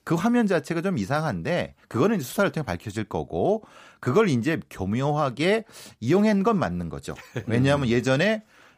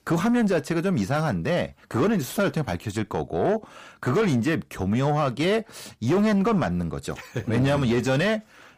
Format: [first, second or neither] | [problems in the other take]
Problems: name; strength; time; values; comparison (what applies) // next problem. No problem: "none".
first | distortion; slight; 10 dB below the speech